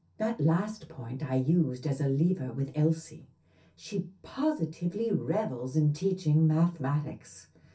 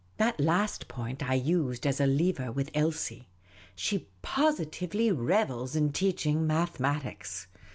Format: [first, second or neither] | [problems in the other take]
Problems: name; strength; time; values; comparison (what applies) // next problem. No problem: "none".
second | room echo; dies away in 0.3 s